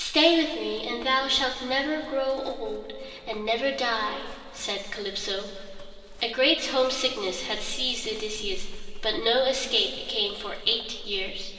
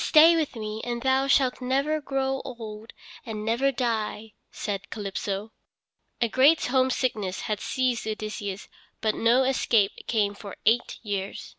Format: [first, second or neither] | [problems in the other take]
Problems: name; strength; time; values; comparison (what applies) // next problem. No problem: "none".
second | background sound (Livestock, farm animals, working animals); 12 dB below the speech // room echo; dies away in 2.4 s